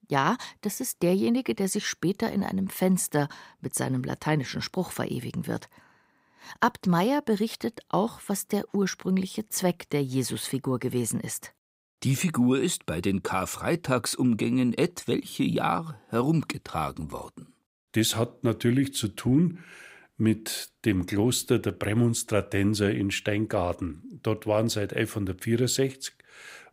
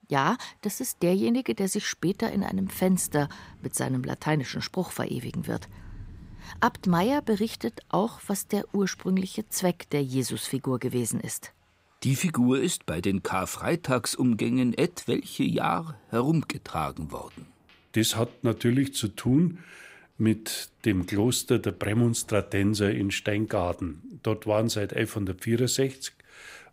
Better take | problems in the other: first | rain or running water; faint; throughout; 30 dB below the speech

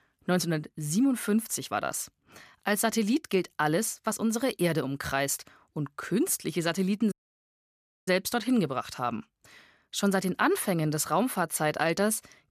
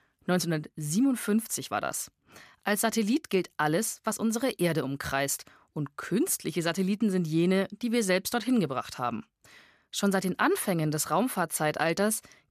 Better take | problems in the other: second | audio cutting out; at 7 s for 1 s

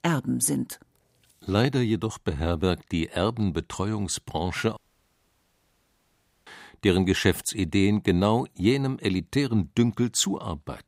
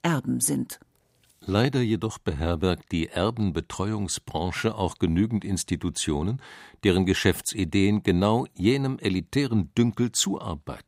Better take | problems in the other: second | audio cutting out; at 5 s for 1.5 s

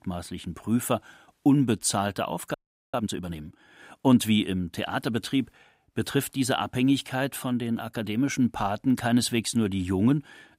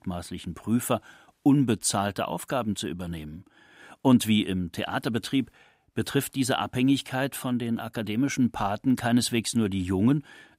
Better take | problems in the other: second | audio freezing; at 2.5 s

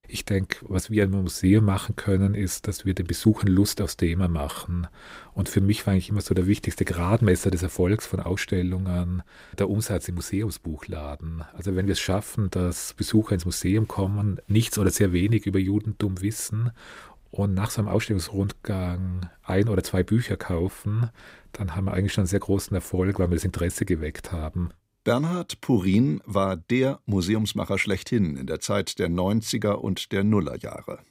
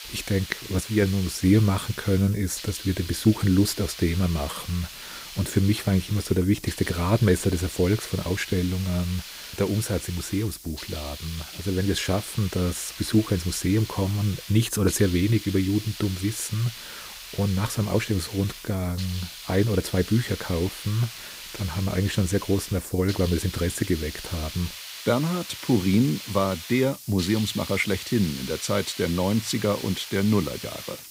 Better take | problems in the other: first | hiss; noticeable; throughout; 10 dB below the speech

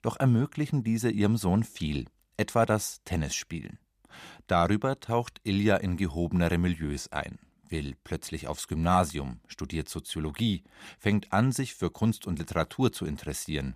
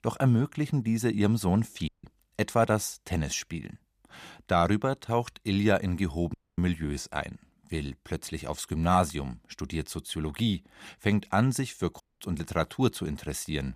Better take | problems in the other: first | audio cutting out; at 2 s, at 6.5 s and at 12 s

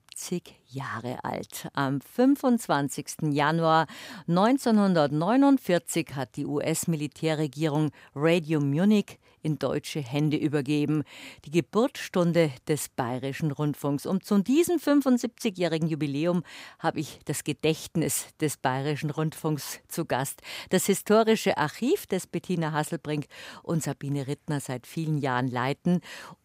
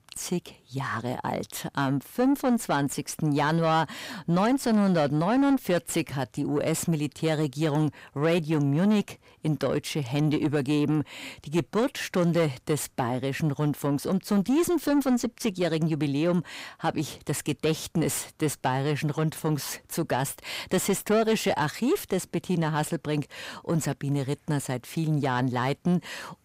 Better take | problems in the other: first | distortion; slight; 10 dB below the speech

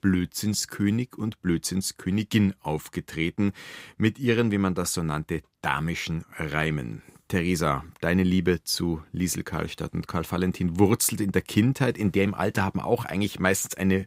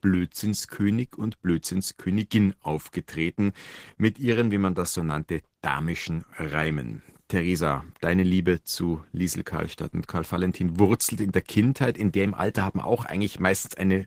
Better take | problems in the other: first | garbled, watery; slightly; nothing above 15.5 kHz

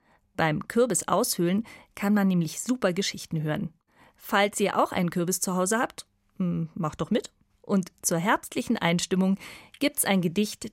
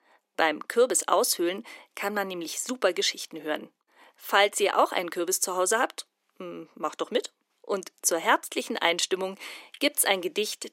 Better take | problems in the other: first | thin; very; fading below 300 Hz

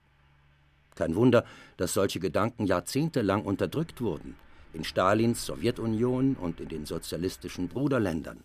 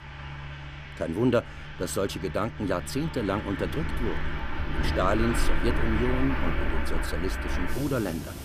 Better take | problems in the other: first | traffic noise; loud; throughout; 3 dB below the speech; faint in the first

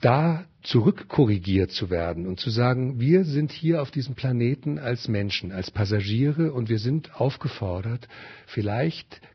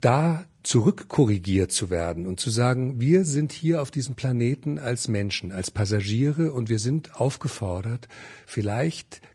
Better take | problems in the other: second | garbled, watery; badly; nothing above 5.5 kHz; slightly in the second

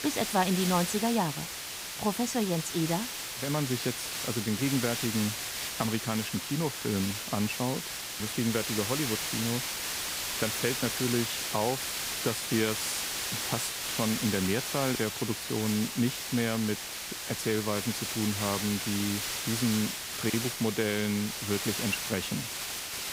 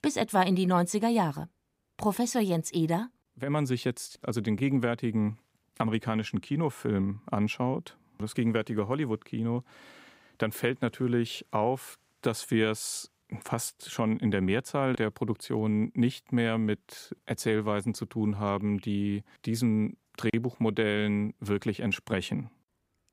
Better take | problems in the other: second | hiss; loud; throughout; 1 dB below the speech

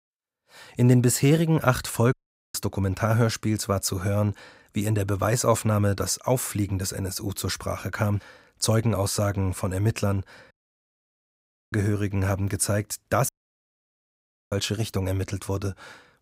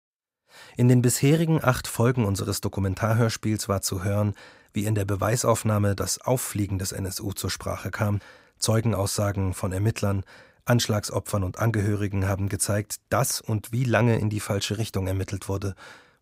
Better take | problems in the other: second | audio cutting out; at 2 s, at 11 s for 1 s and at 13 s for 1 s

